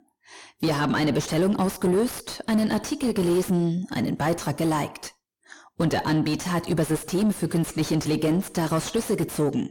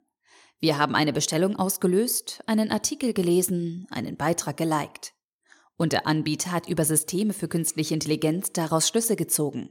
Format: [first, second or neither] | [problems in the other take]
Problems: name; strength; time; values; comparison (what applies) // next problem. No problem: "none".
second | distortion; heavy; 5 dB below the speech